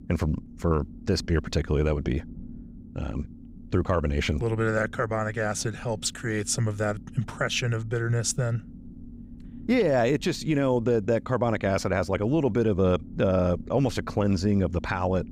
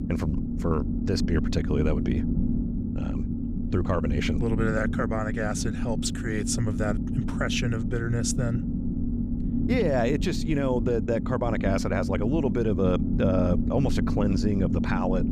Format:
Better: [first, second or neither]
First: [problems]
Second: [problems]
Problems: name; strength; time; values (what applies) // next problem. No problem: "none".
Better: first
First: low rumble; faint; throughout; 25 dB below the speech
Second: low rumble; loud; throughout; 6 dB below the speech